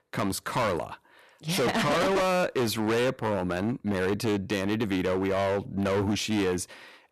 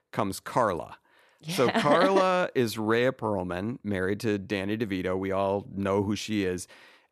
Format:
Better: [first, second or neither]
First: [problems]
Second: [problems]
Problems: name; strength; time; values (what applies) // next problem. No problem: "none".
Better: second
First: distortion; heavy; 20% of the sound clipped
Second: none